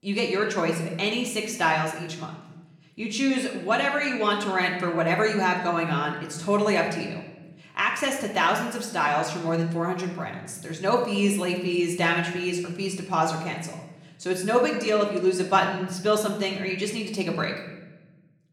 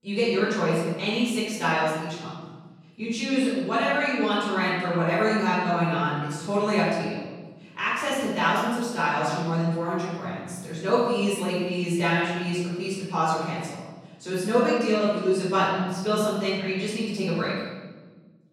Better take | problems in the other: first | room echo; strong; dies away in 1.2 s; slight in the first // off-mic speech; far; somewhat distant in the first

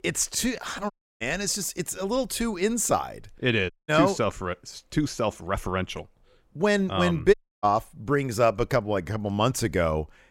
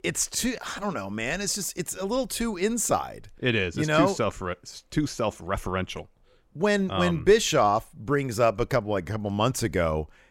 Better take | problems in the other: second | audio cutting out; at 1 s, at 3.5 s and at 7.5 s

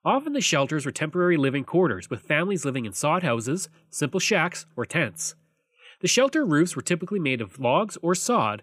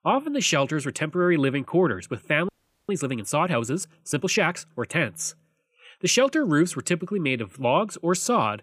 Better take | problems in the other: first | audio freezing; at 2.5 s

